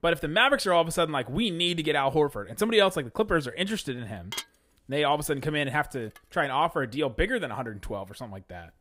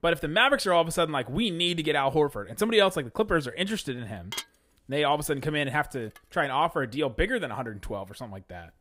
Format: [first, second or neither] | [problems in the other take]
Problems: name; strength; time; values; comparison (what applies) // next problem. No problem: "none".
neither | clattering dishes; noticeable; from 4.5 to 6 s; peak 9 dB below the speech; the same in both